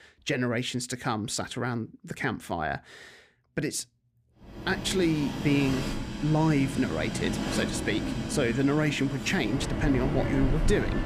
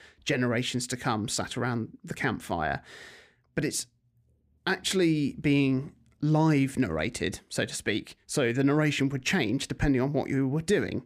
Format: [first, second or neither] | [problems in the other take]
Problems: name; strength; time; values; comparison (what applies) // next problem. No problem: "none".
second | train or aircraft noise; loud; from 4.5 s on; 4 dB below the speech